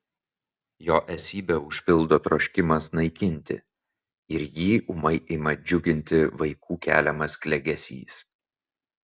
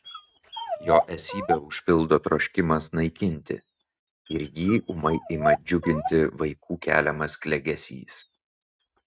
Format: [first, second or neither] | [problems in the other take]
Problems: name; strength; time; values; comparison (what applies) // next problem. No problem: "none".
first | noise reduction (neural mask model RNNoise)